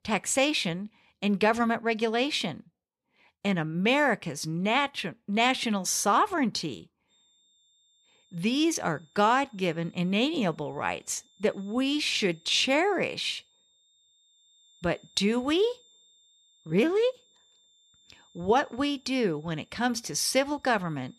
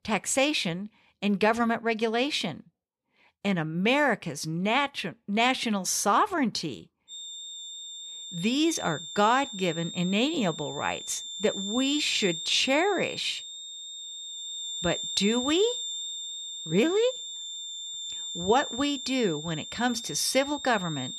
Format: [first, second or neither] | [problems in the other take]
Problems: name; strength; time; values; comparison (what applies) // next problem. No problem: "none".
first | high-pitched whine; loud; from 7 s on; 3.5 kHz, 8 dB below the speech; faint in the first